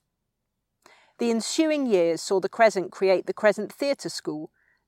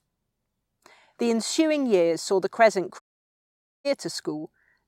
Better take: first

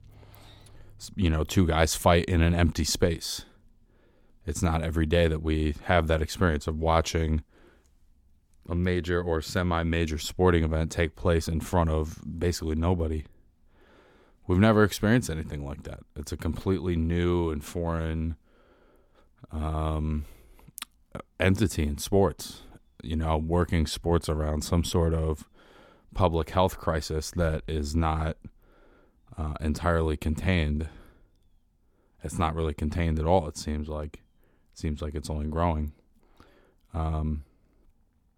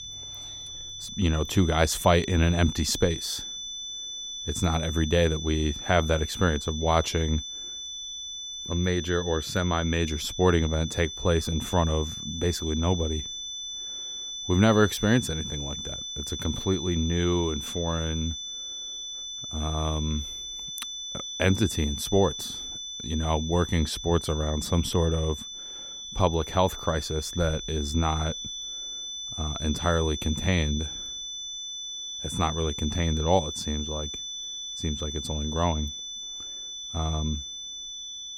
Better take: first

